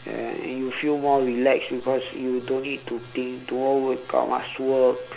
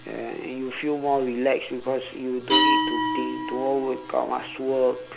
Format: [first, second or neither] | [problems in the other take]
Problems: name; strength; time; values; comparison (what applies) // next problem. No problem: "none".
first | background sound (Glass); 2 dB below the speech